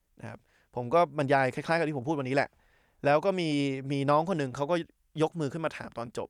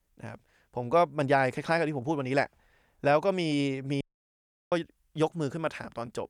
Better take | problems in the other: first | audio cutting out; at 4 s for 0.5 s

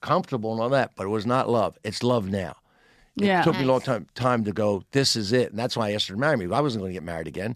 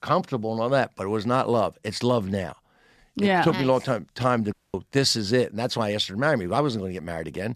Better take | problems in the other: first | audio cutting out; at 4.5 s

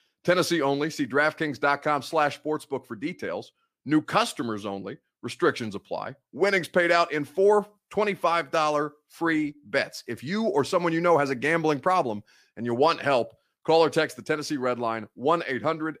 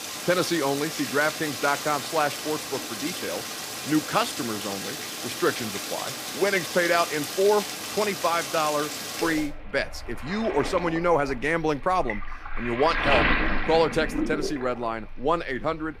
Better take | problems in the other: first | rain or running water; loud; throughout; 4 dB below the speech

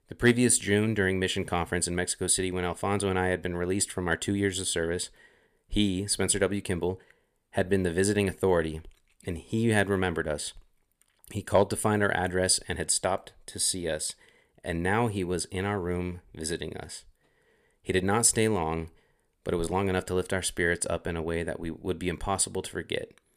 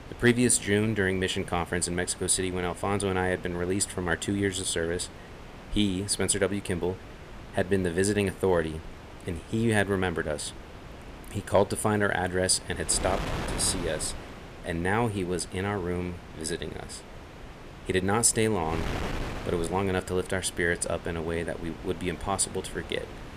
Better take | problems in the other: first | wind noise on the microphone; occasional gusts; 15 dB below the speech

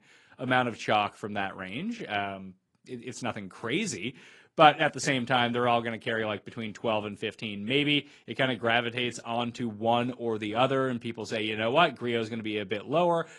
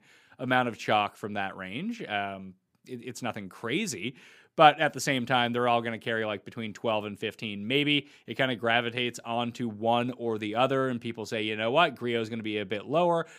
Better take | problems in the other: second | garbled, watery; slightly

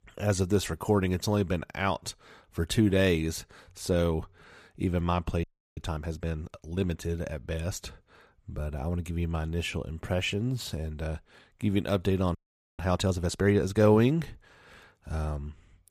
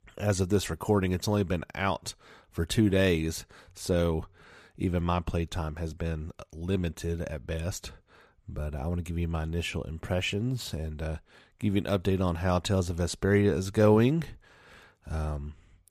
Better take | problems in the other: second | audio freezing; at 5.5 s and at 12 s

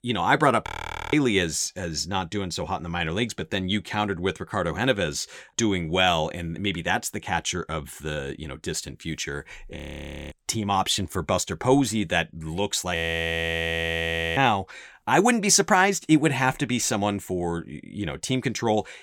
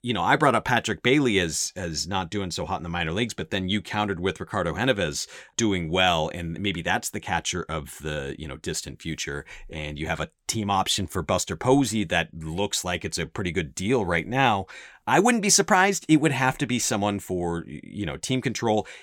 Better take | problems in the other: second | audio freezing; at 0.5 s, at 10 s for 0.5 s and at 13 s for 1.5 s

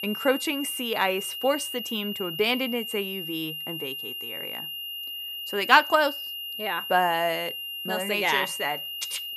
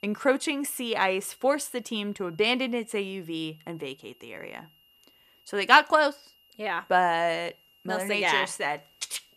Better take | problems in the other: second | high-pitched whine; loud; throughout; 3 kHz, 6 dB below the speech; faint in the second

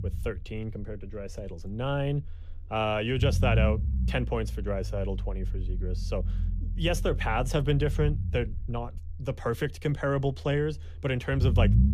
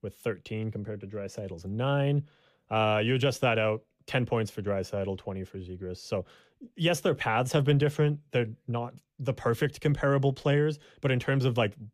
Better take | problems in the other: second | low rumble; noticeable; throughout; 15 dB below the speech

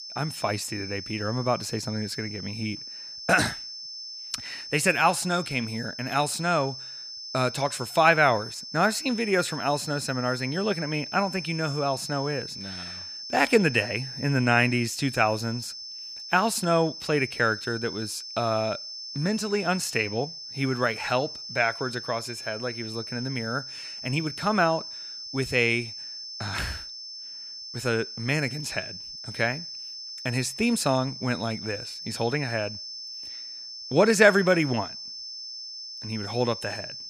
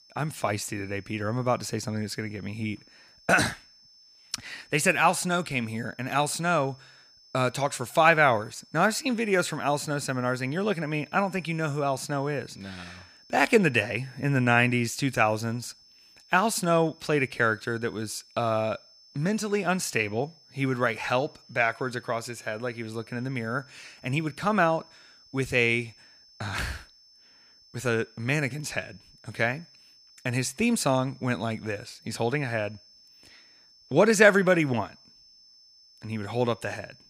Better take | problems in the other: second | high-pitched whine; loud; throughout; 5.5 kHz, 9 dB below the speech; faint in the second

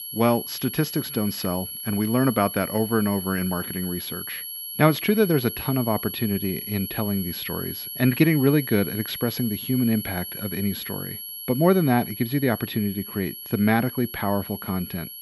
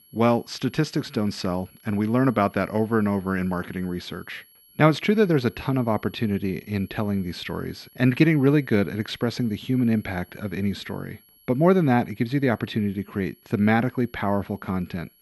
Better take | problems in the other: second | high-pitched whine; loud; throughout; 11.5 kHz, 8 dB below the speech; faint in the second

